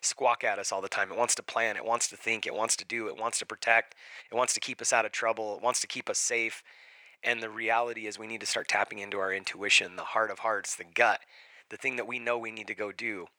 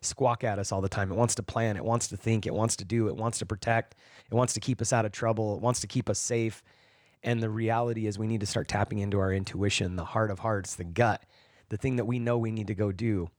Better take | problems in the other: second | thin; very; fading below 650 Hz

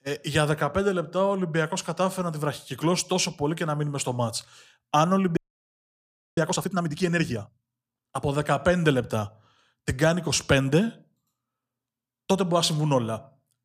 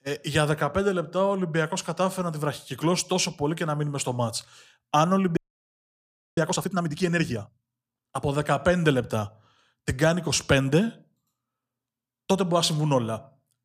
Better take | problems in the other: neither | audio freezing; at 5.5 s for 1 s; the same in both

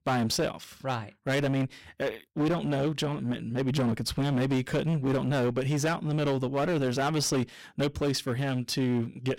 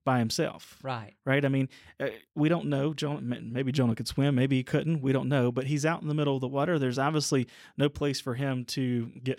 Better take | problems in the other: second | distortion; heavy; 18% of the sound clipped

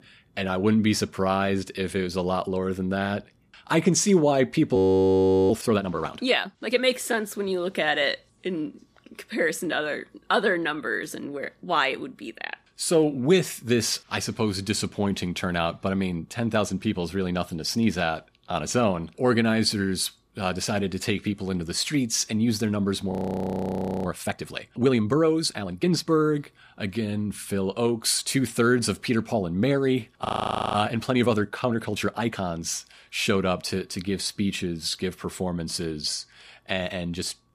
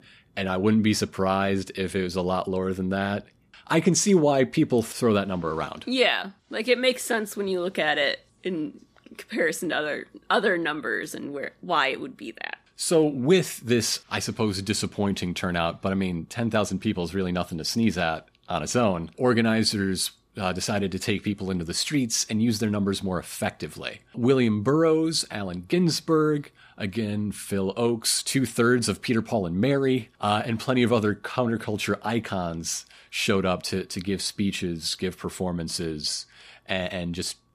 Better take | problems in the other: second | audio freezing; at 5 s for 0.5 s, at 23 s for 1 s and at 30 s

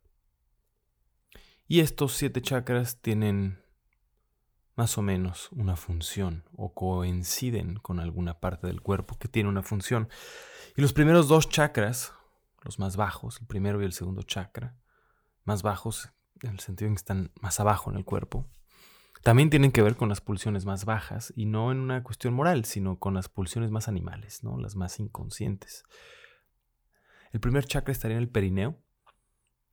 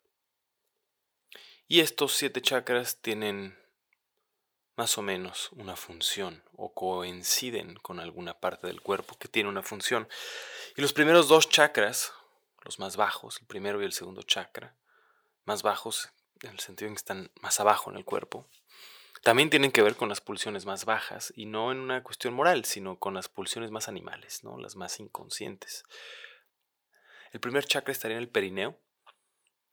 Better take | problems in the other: first | thin; very; fading below 450 Hz

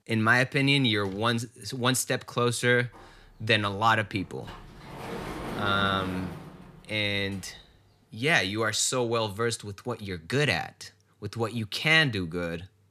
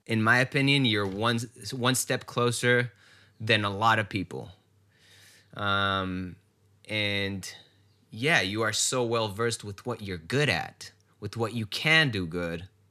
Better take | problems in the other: second | door banging; noticeable; from 3 to 7.5 s; peak 8 dB below the speech

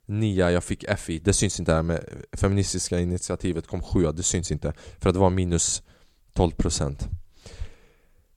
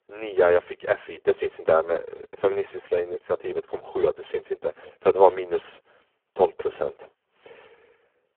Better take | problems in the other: first | phone-call audio; poor line; nothing above 3.5 kHz

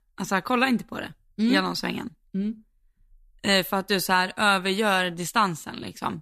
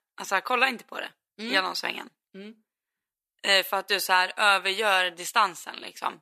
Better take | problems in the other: first | thin; very; fading below 550 Hz

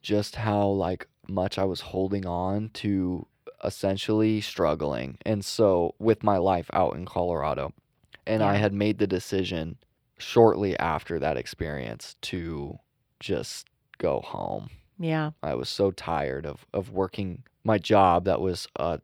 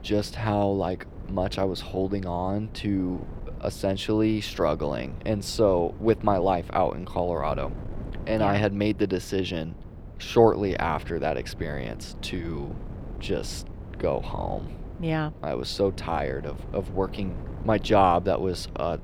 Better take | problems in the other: first | wind noise on the microphone; occasional gusts; 20 dB below the speech

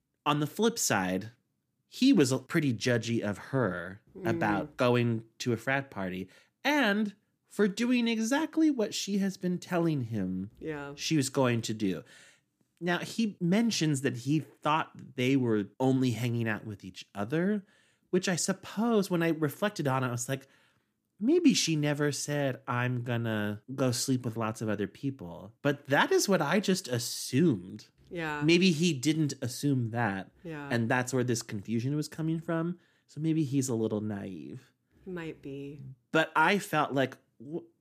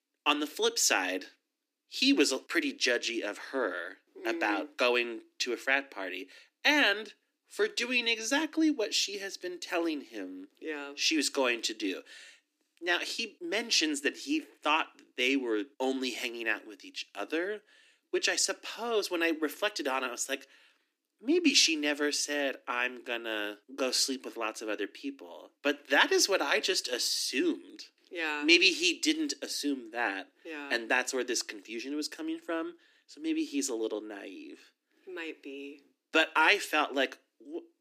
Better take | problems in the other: first | thin; somewhat; fading below 300 Hz

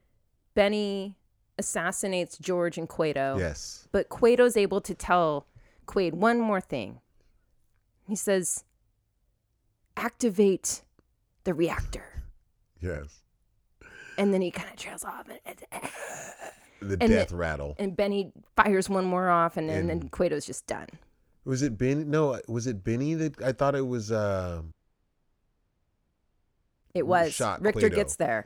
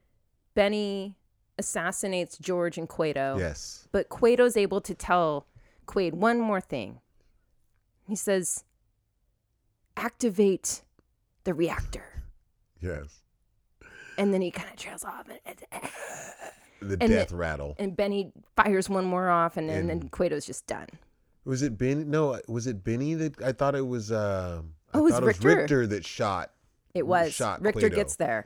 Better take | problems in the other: second | audio cutting out; at 25 s for 2 s

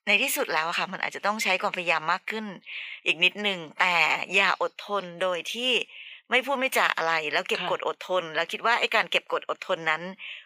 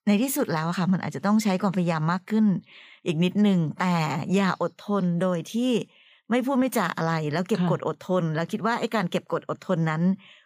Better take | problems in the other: second | thin; very; fading below 600 Hz

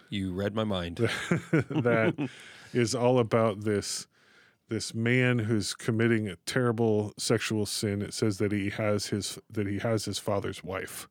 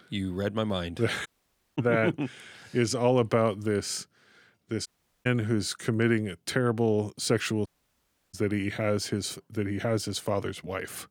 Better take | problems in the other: first | audio cutting out; at 1.5 s for 0.5 s, at 5 s and at 7.5 s for 0.5 s

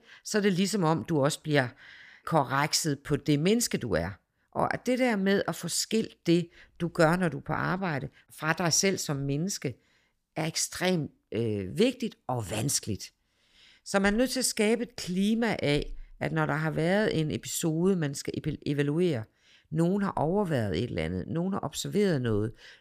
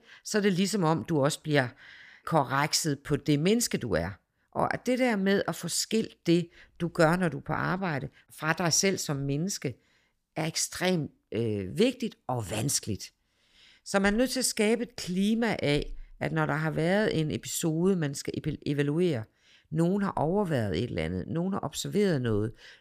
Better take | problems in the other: neither | none

